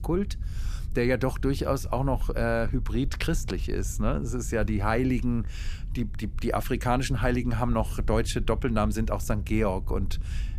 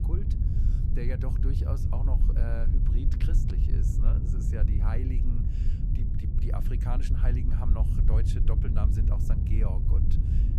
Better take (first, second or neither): first